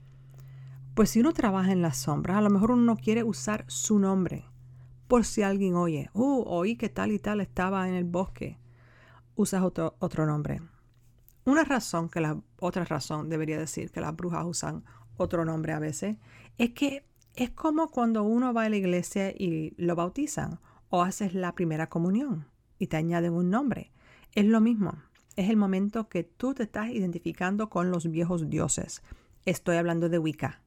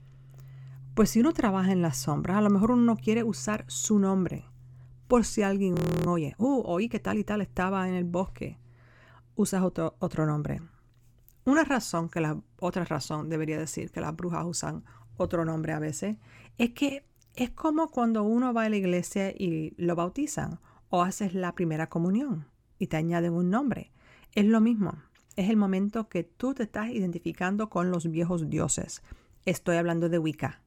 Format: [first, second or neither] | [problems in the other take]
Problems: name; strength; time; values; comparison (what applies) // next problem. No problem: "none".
first | audio freezing; at 6 s